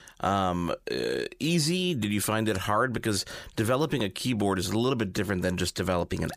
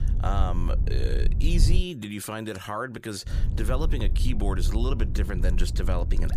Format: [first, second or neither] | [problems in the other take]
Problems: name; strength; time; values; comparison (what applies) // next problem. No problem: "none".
first | wind noise on the microphone; occasional gusts; until 2 s and from 3.5 s on; 10 dB below the speech